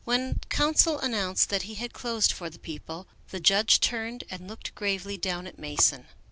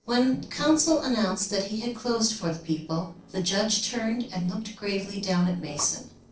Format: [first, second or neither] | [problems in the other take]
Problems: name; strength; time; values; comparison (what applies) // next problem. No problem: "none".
first | noise reduction (neural separator model SepFormer DNS4)